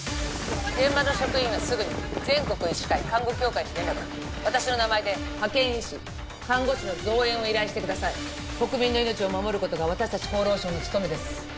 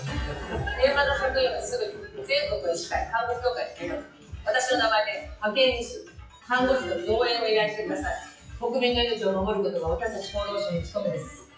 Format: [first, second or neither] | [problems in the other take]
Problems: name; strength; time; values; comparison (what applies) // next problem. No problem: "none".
first | noise reduction (classical method WPE with log-MMSE)